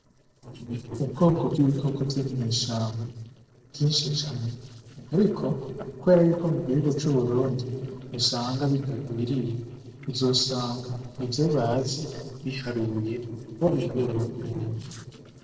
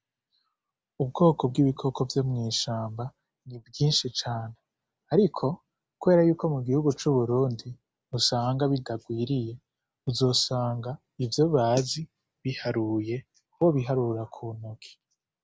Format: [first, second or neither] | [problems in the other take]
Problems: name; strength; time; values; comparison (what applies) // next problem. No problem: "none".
second | noise reduction (neural separator model SepFormer DNS4)